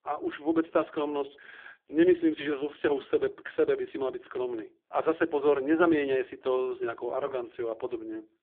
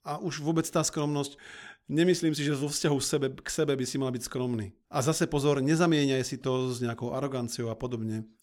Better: second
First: phone-call audio; poor line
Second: none

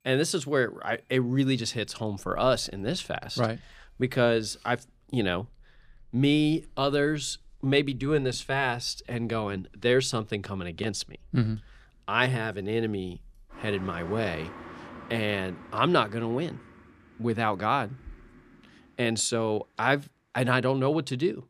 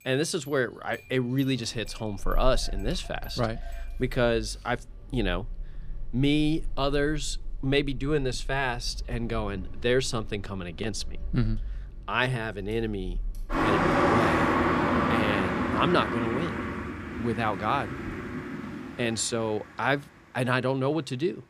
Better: first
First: traffic noise; faint; throughout; 20 dB below the speech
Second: traffic noise; loud; throughout; 2 dB below the speech

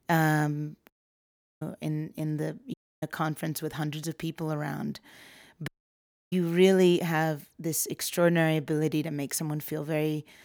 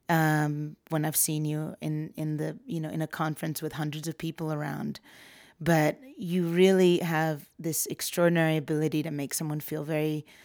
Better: second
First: audio cutting out; at 1 s for 0.5 s, at 2.5 s and at 5.5 s for 0.5 s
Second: none

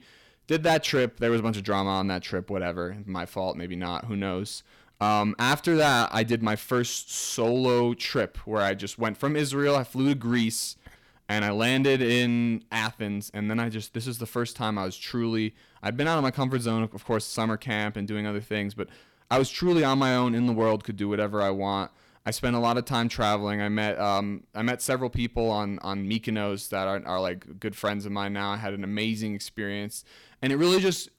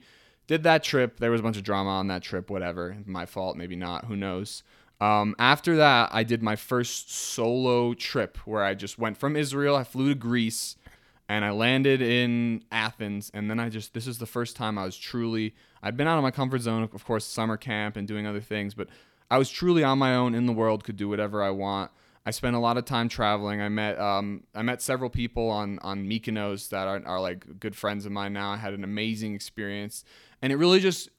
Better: second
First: distortion; slight; 4% of the sound clipped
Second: none

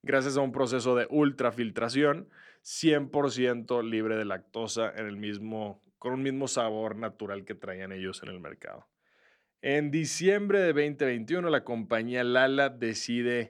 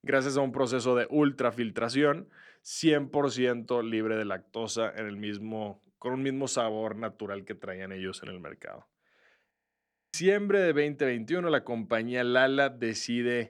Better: first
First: none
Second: audio freezing; at 9.5 s for 0.5 s

